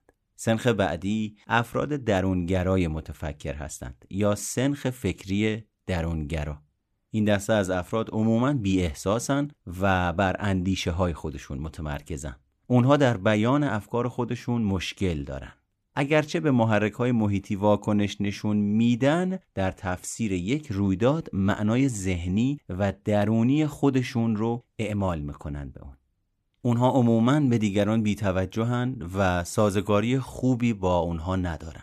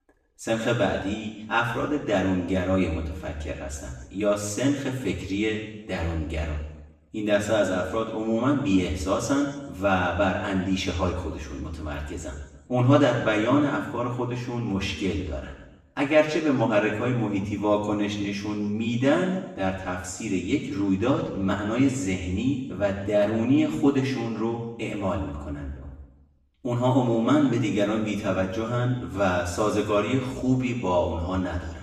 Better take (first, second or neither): first